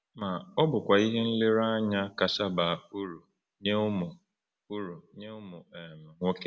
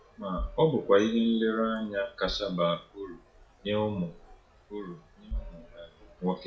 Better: first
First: none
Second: noise reduction (classical method WPE with log-MMSE)

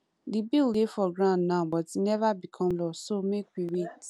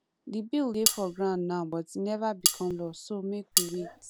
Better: first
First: none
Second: background sound (Cutlery, silverware); 2 dB above the speech

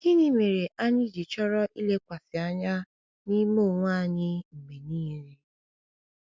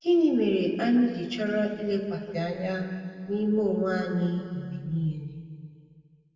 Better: first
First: none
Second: room echo; dies away in 2.3 s

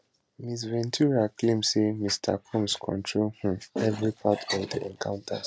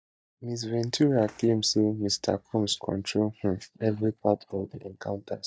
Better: first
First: none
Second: noise reduction (neural mask model DeepFilterNet 3)

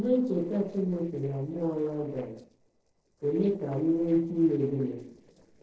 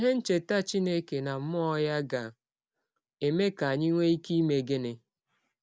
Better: second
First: noise reduction (neural separator model SepFormer DNS4)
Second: none

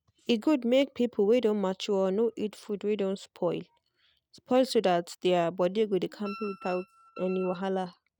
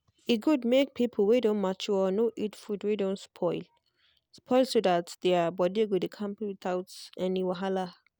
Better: second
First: noise reduction (neural mask model RNNoise)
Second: none

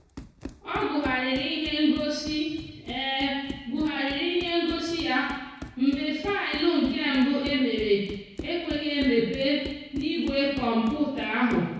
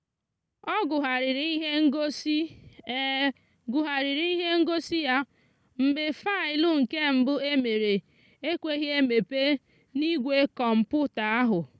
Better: second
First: background sound (Run); 15 dB below the speech // room echo; dies away in 1 s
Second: none

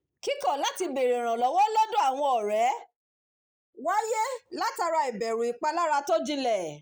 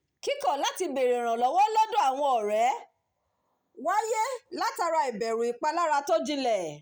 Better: second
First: noise reduction (neural mask model Resemble Enhance denoiser)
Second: none

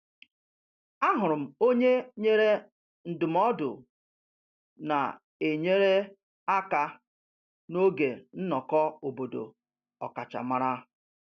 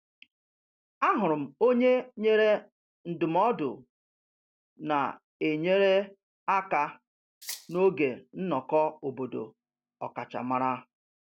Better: first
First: none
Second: background sound (Rattle (instrument)); 14 dB below the speech

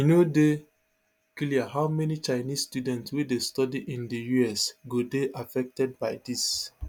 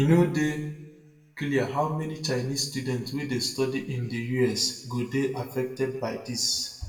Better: first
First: none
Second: room echo; dies away in 0.7 s

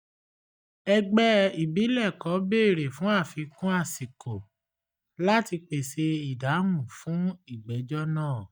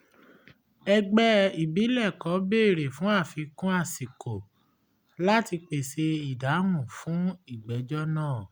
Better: second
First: noise reduction (neural mask model DeepFilterNet 3)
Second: none

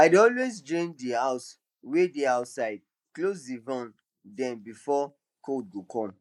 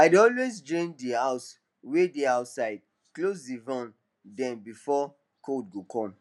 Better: second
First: noise reduction (neural mask model Resemble Enhance denoiser)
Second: none

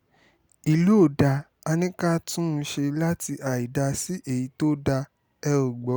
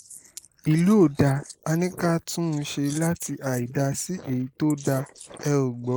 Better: first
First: none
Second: noise reduction (neural mask model Resemble Enhance denoiser)

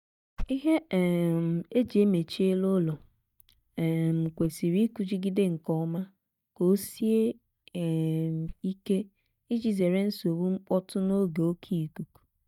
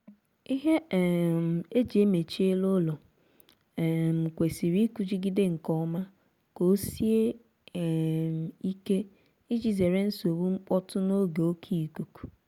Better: second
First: noise reduction (neural mask model DeepFilterNet 3)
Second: none

